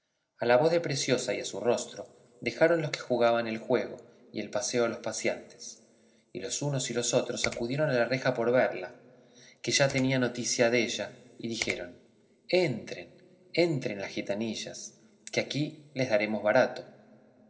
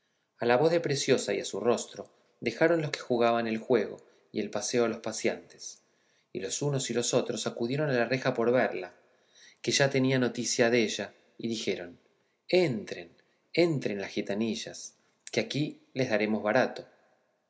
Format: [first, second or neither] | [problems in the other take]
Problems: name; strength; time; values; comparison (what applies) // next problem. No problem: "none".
second | noise reduction (neural separator model SepFormer DNS4)